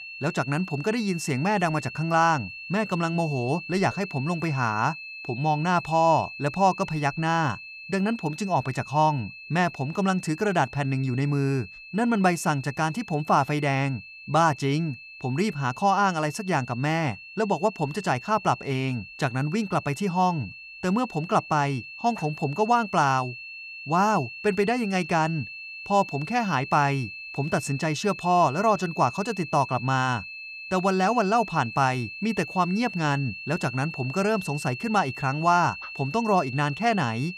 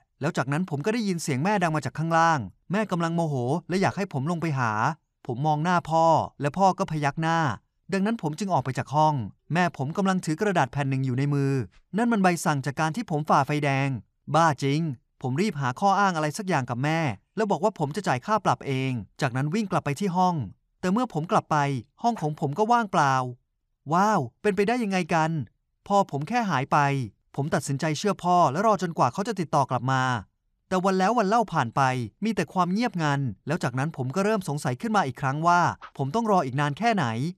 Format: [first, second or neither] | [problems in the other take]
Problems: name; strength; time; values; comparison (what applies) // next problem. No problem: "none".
second | high-pitched whine; noticeable; throughout; 2.5 kHz, 10 dB below the speech